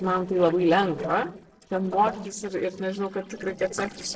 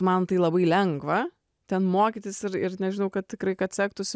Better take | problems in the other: second | noise reduction (neural separator model SepFormer DNS4)

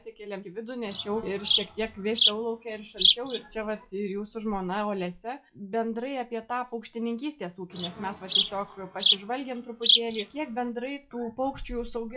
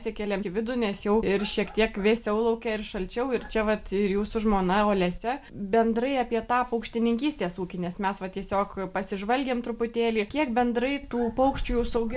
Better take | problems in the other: second | noise reduction (classical method log-MMSE)

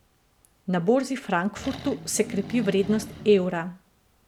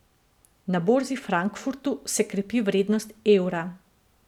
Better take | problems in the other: second | background sound (Accelerating, revving, vroom); 13 dB below the speech

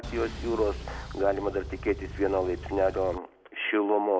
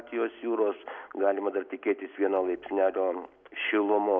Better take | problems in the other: second | background sound (Engine); 10 dB below the speech

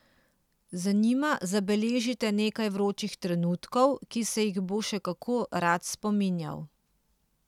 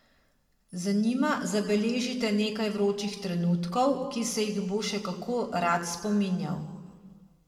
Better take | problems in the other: first | room echo; dies away in 1.3 s

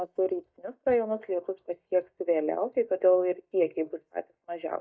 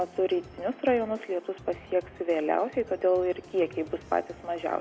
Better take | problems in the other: second | noise reduction (neural mask model DeepFilterNet 3)

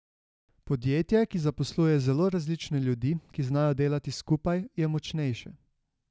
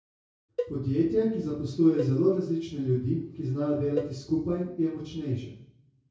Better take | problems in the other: first | background sound (Cowbell); 11 dB below the speech // room echo; dies away in 0.6 s

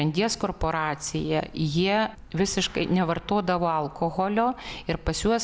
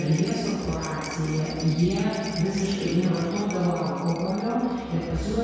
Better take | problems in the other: first | background sound (Rattle); 17 dB below the speech // room echo; dies away in 1.9 s

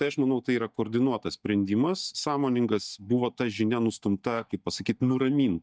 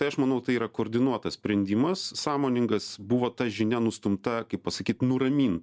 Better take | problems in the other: second | noise reduction (neural mask model DeepFilterNet 3)

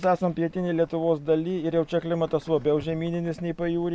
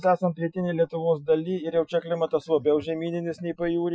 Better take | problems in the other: first | noise reduction (classical method Wiener filter)

